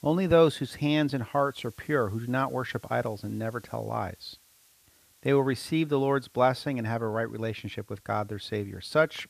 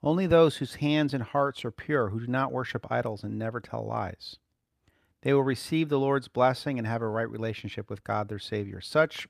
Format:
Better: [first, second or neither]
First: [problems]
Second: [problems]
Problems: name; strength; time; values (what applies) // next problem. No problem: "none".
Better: second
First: hiss; faint; throughout; 30 dB below the speech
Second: none